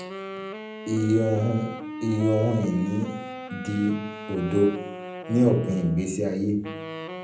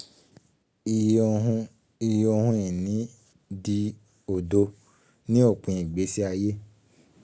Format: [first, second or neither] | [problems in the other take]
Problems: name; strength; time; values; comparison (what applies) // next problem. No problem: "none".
second | background sound (Wind instrument, woodwind instrument); 11 dB below the speech // room echo; dies away in 0.6 s